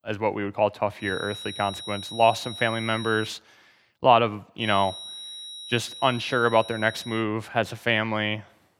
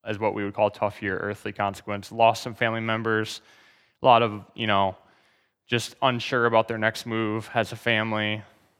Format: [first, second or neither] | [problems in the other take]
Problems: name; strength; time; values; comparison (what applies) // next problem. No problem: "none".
second | high-pitched whine; noticeable; from 1 to 3.5 s and from 4.5 to 7 s; 4 kHz, 10 dB below the speech